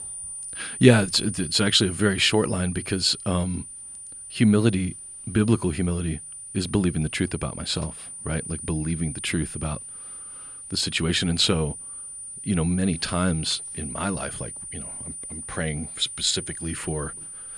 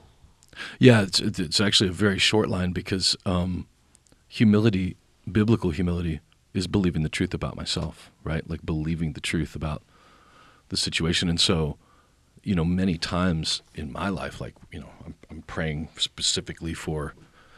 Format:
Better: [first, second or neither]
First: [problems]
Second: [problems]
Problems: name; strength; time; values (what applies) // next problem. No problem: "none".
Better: second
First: high-pitched whine; noticeable; throughout; 9.5 kHz, 10 dB below the speech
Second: none